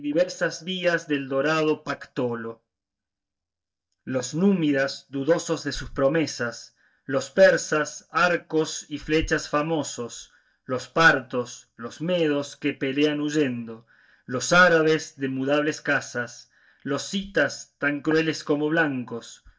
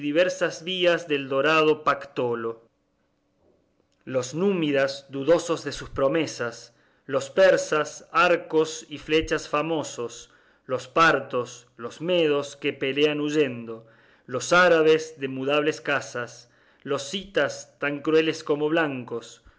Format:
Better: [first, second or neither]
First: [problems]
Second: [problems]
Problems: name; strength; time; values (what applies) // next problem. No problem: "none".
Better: second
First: noise reduction (neural mask model DeepFilterNet 3)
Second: none